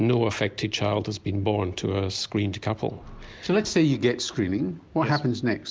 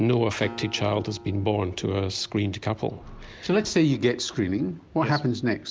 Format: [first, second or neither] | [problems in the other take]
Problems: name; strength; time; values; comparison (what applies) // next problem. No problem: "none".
first | background sound (Acoustic guitar); 20 dB below the speech